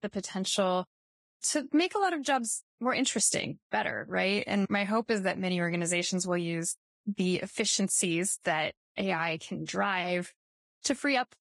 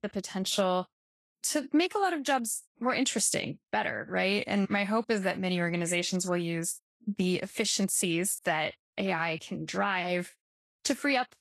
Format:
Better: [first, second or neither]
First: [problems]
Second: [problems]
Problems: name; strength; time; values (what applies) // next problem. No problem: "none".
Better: second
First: garbled, watery; badly; nothing above 10.5 kHz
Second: garbled, watery; slightly; nothing above 11.5 kHz